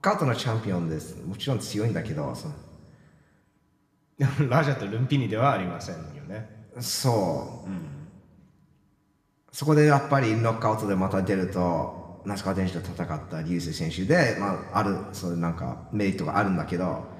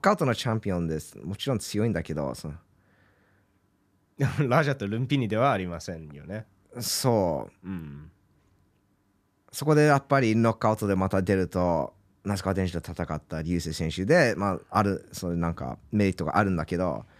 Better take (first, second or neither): second